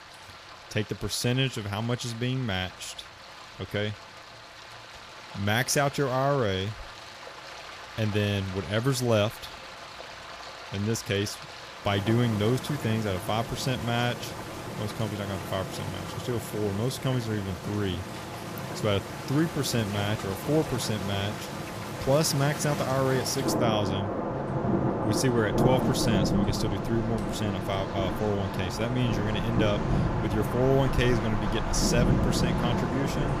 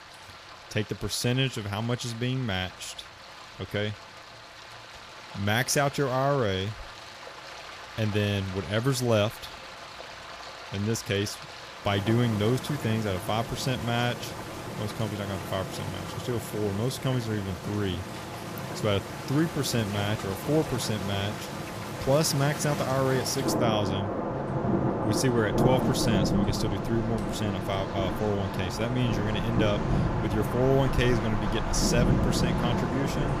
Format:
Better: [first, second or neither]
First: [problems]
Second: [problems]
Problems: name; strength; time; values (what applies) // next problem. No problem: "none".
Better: neither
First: rain or running water; loud; throughout; 4 dB below the speech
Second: rain or running water; loud; throughout; 4 dB below the speech